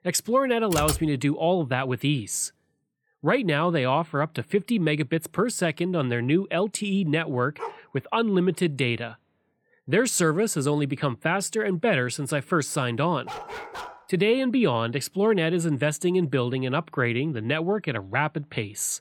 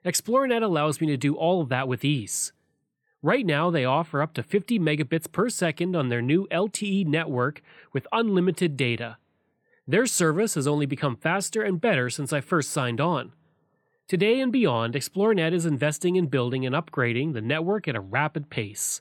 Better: second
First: keyboard typing; noticeable; at 0.5 s; peak 3 dB below the speech // dog barking; faint; at 7.5 s and at 13 s; peak 10 dB below the speech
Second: none

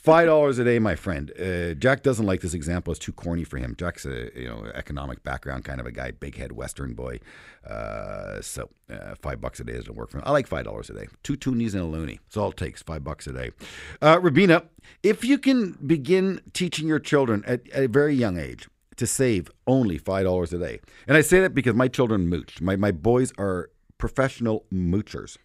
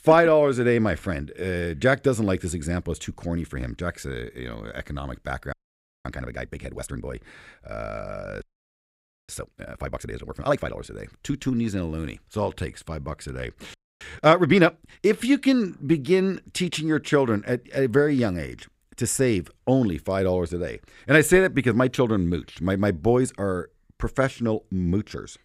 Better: first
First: none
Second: audio freezing; at 5.5 s for 0.5 s, at 8.5 s for 1 s and at 14 s

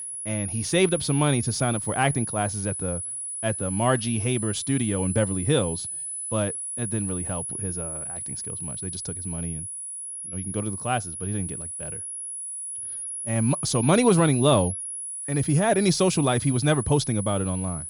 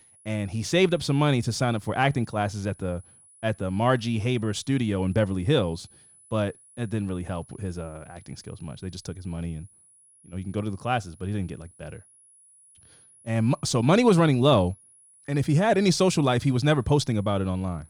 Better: second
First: high-pitched whine; loud; throughout; 10.5 kHz, 5 dB below the speech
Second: high-pitched whine; faint; throughout; 10.5 kHz, 30 dB below the speech

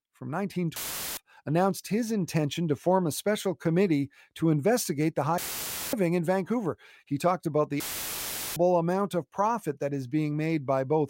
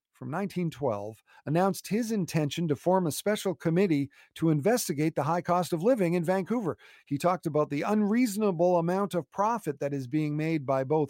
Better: second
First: audio cutting out; filled with static; at 1 s, at 5.5 s for 0.5 s and at 8 s for 1 s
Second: none

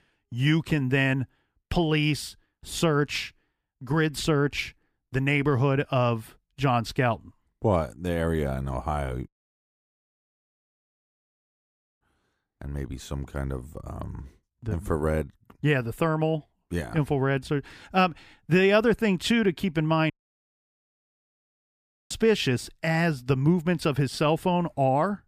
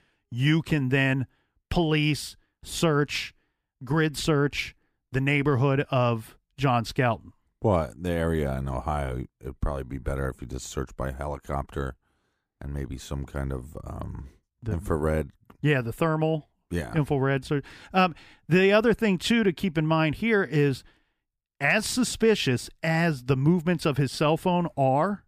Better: second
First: audio cutting out; at 9.5 s for 2.5 s and at 20 s for 2 s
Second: none

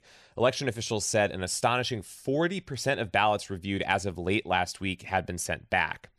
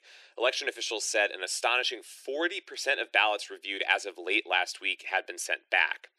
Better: first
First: none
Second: thin; very; fading below 350 Hz

